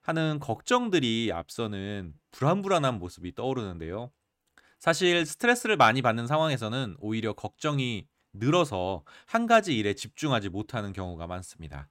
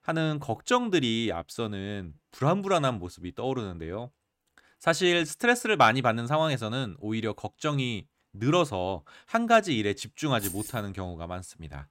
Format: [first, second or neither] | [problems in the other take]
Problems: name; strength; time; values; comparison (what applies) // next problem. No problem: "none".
first | jangling keys; noticeable; at 10 s; peak 8 dB below the speech